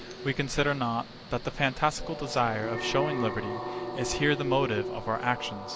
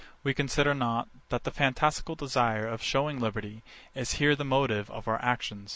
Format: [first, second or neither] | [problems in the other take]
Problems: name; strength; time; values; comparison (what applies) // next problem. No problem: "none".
second | background sound (Train + Alarm); 6 dB below the speech